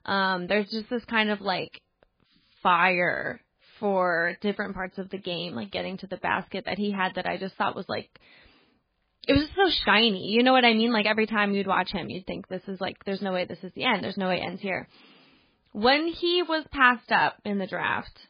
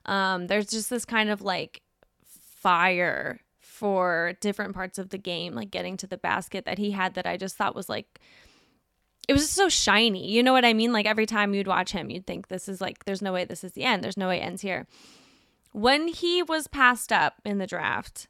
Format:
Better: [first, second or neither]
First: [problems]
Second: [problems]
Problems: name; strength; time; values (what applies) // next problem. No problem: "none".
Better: second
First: garbled, watery; badly; nothing above 4.5 kHz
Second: none